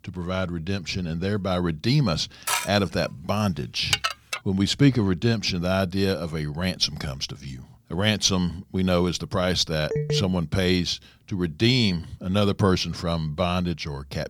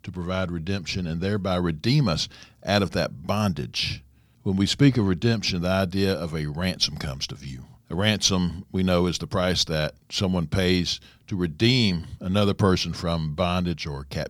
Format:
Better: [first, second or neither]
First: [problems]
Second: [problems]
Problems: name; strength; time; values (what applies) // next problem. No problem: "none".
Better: second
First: clattering dishes; noticeable; from 2.5 to 4.5 s; peak level with the speech // phone ringing; noticeable; at 10 s; peak 2 dB below the speech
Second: none